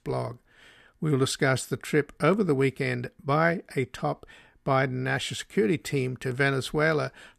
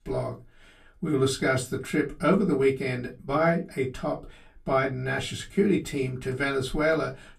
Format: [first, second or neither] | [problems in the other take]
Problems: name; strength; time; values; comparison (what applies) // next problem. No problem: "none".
first | off-mic speech; far // room echo; very slight; dies away in 0.2 s